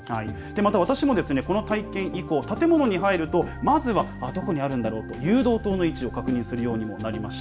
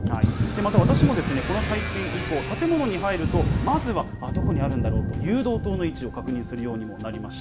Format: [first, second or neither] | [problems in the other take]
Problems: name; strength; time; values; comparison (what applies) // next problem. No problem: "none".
first | background sound (Motorcycle / Accelerating, revving, vroom + Thunder); 1 dB above the speech